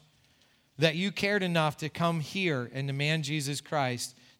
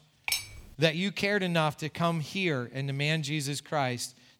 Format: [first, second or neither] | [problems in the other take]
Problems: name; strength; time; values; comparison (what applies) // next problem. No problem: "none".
first | clattering dishes; noticeable; at 0.5 s; peak 2 dB below the speech